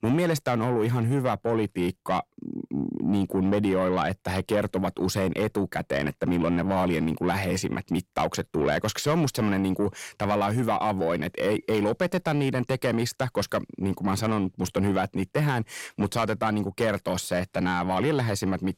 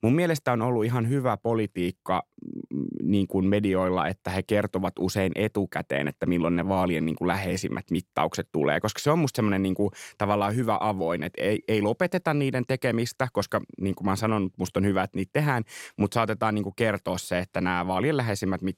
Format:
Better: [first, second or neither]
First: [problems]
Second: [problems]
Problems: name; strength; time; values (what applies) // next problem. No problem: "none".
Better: second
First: distortion; slight; 10 dB below the speech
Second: none